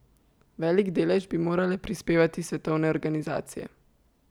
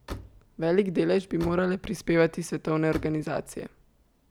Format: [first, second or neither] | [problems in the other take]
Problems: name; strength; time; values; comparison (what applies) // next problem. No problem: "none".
first | background sound (Slam); 17 dB below the speech